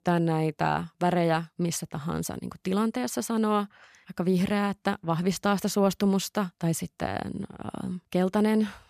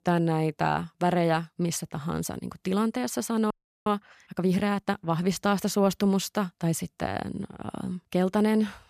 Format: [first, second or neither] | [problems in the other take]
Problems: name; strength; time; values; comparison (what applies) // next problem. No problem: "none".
first | audio freezing; at 3.5 s